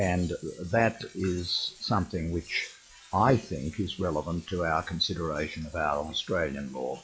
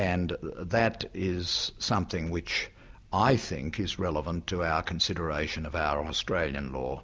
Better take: second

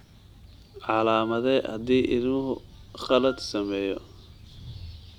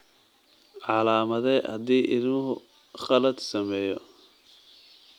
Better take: second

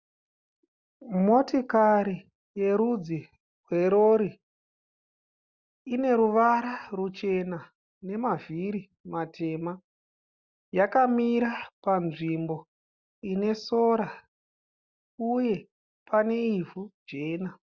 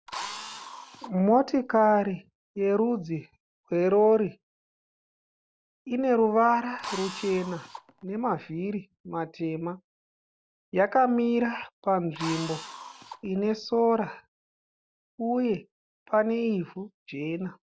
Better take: first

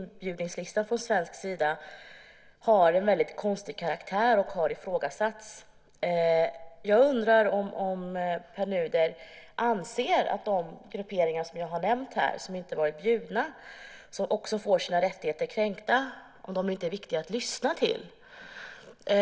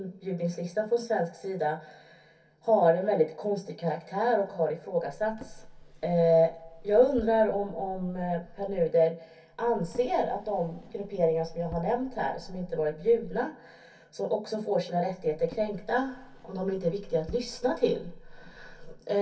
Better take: first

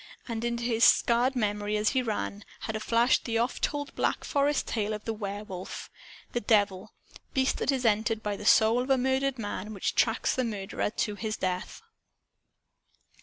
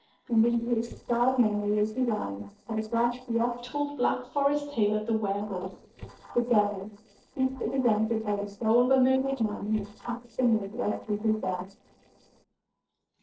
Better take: first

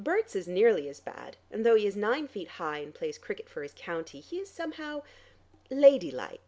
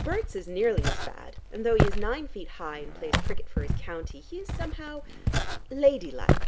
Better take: first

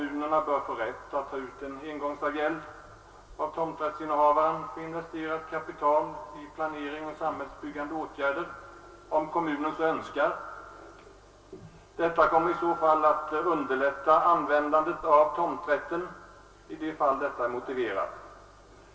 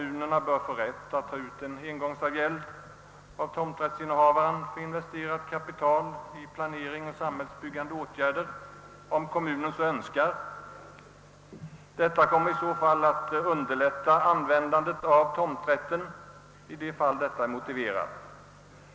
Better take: second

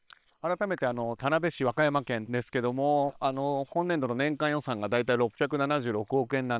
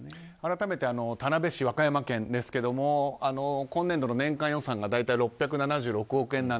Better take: second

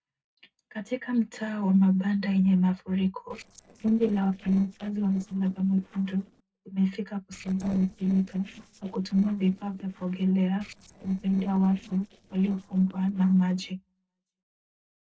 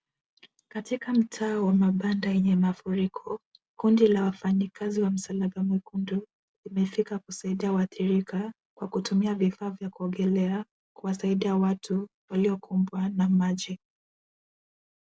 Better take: second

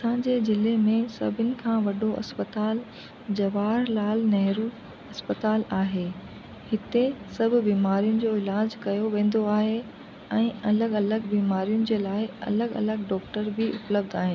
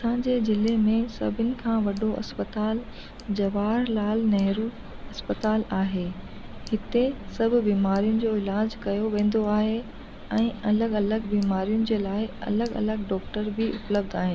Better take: first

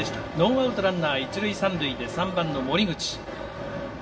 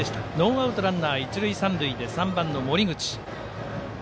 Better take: second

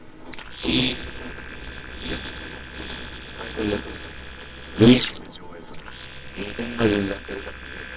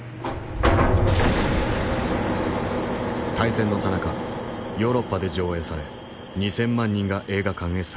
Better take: second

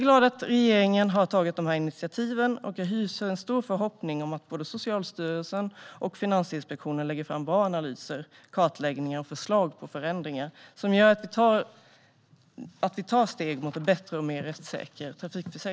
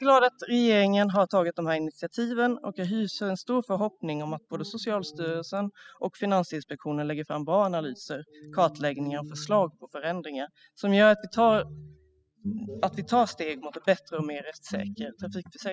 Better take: first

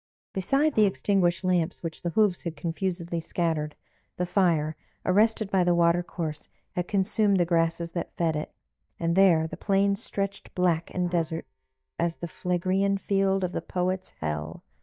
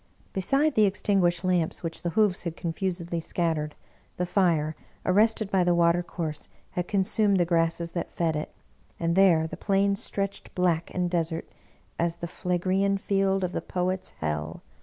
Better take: second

